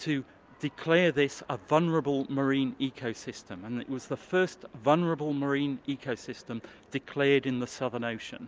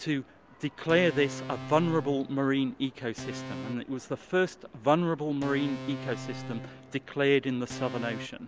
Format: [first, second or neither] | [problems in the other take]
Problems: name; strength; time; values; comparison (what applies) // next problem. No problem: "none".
first | background sound (Organ); 12 dB below the speech